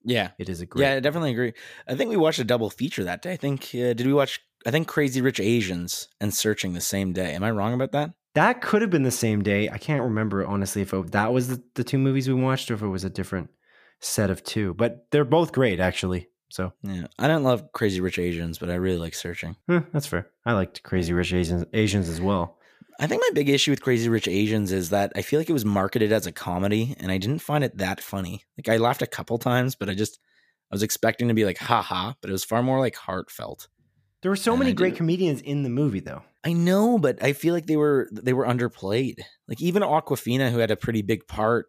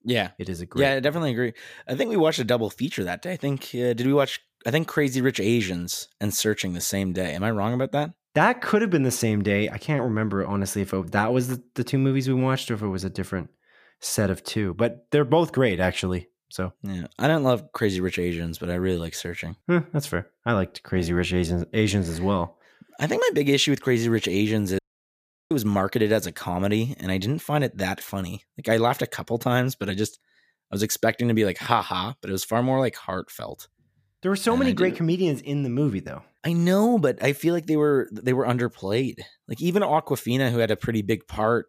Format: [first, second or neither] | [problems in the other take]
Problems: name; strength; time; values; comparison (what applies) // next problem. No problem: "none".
first | audio cutting out; at 25 s for 0.5 s